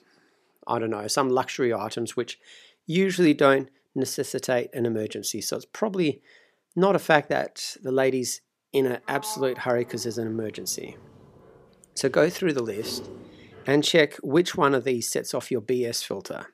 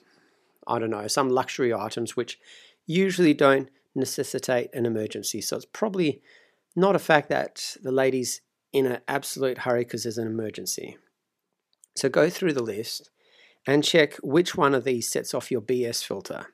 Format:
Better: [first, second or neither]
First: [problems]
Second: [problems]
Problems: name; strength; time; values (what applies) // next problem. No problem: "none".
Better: second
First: door banging; faint; from 9 to 14 s; peak 15 dB below the speech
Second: none